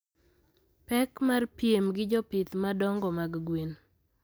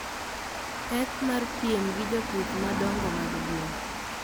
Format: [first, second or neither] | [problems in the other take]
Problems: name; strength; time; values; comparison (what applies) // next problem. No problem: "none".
first | background sound (Water); 1 dB below the speech